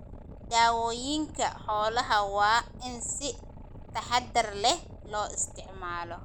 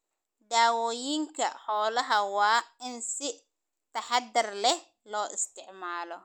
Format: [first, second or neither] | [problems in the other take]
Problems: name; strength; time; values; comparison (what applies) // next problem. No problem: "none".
second | background sound (Boat, Water vehicle); 14 dB below the speech